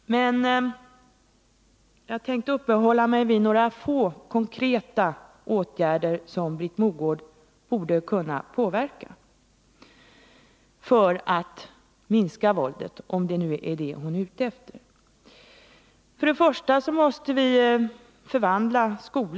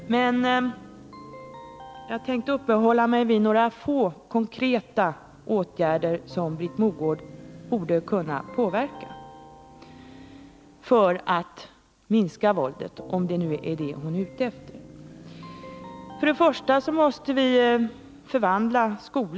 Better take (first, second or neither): first